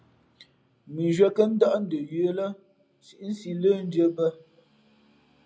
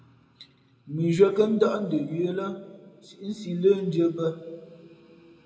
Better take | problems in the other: first | room echo; dies away in 1.7 s

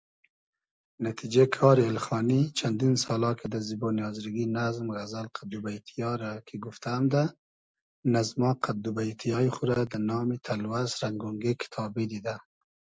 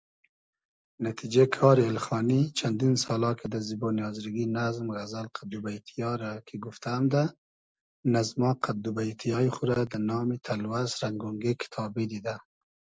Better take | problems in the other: first | noise reduction (neural separator model SepFormer DNS4)

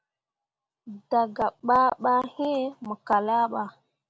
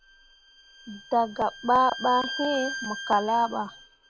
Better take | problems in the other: first | background sound (Bowed string instrument); 11 dB below the speech

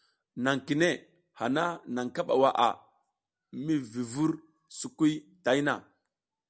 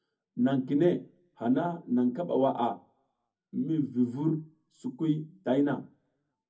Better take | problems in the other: first | room echo; dies away in 0.3 s

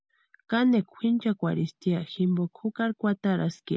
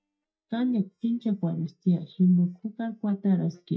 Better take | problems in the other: first | noise reduction (neural mask model DeepFilterNet 3)

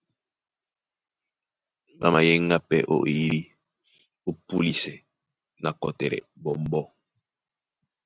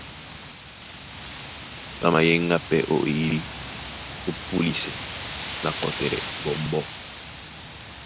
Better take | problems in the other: first | background sound (Wind); 9 dB below the speech

